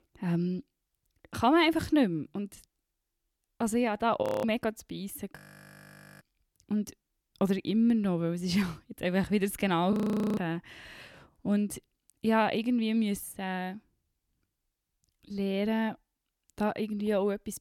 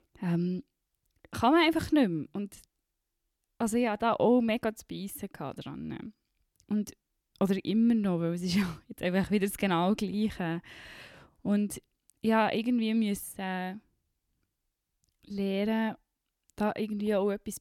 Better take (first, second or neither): second